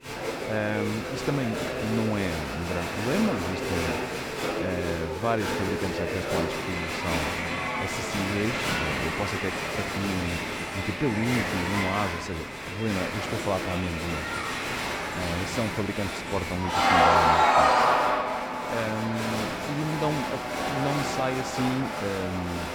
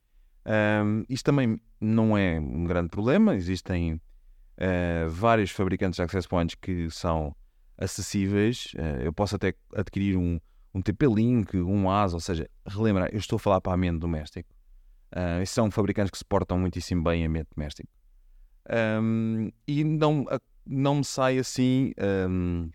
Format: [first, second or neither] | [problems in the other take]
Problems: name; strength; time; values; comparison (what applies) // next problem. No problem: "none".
second | crowd noise; very loud; throughout; 4 dB above the speech